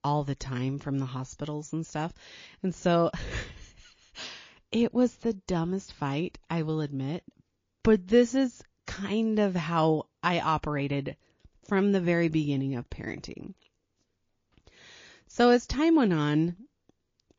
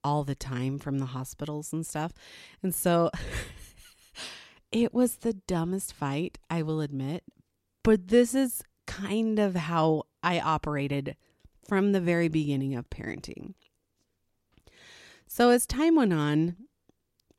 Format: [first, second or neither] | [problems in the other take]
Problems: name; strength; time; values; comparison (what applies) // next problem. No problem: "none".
second | garbled, watery; slightly